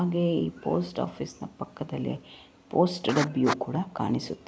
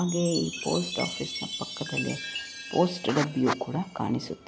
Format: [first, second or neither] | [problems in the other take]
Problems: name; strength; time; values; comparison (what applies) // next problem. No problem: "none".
first | background sound (Chime); 9 dB below the speech